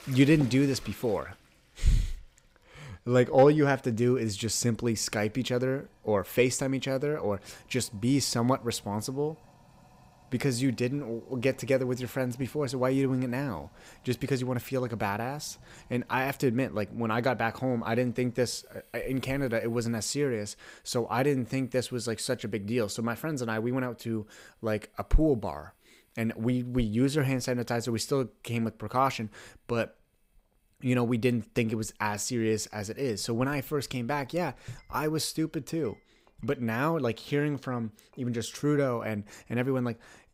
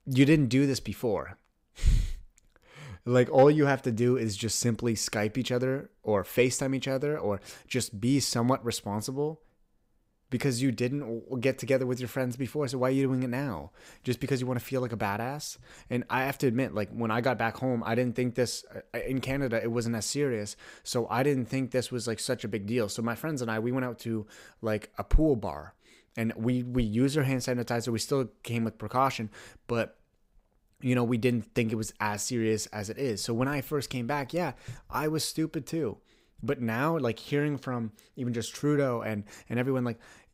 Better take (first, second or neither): second